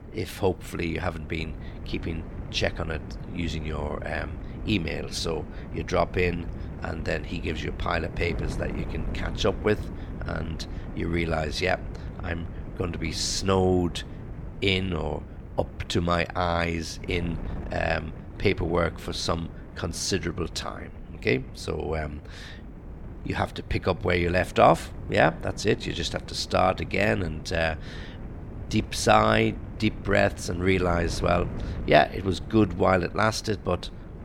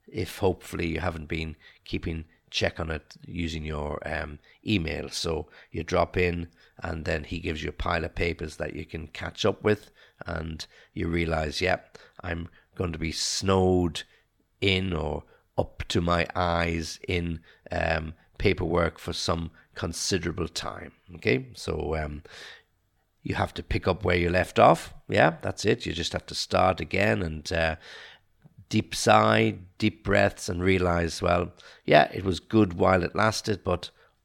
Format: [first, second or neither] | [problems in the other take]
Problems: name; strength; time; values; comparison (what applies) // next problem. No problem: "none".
second | wind noise on the microphone; occasional gusts; 20 dB below the speech